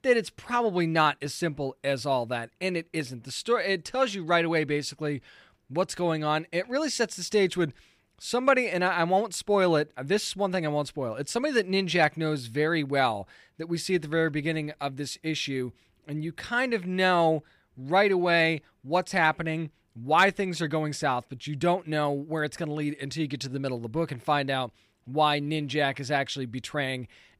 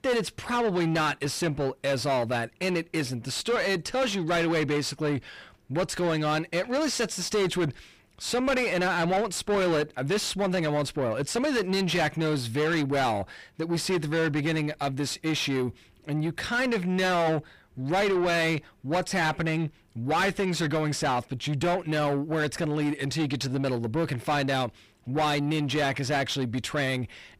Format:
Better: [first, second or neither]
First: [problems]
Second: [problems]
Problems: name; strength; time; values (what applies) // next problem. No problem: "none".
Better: first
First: none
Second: distortion; heavy; 6 dB below the speech